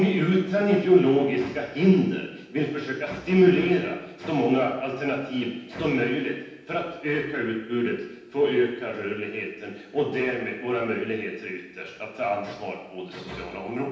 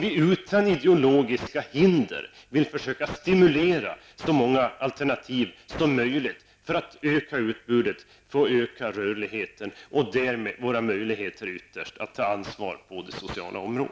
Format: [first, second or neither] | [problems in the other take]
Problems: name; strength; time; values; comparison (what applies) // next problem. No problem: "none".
second | room echo; dies away in 0.9 s